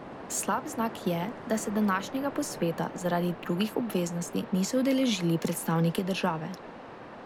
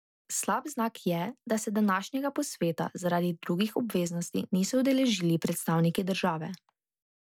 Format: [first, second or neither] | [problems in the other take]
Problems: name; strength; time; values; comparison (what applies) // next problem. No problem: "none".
second | background sound (Waves, surf); 13 dB below the speech